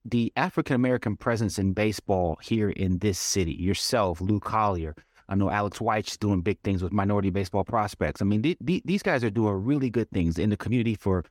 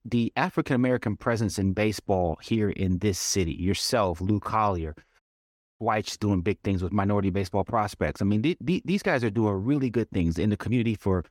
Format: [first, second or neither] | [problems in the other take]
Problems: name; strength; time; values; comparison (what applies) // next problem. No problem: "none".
first | audio cutting out; at 5 s for 0.5 s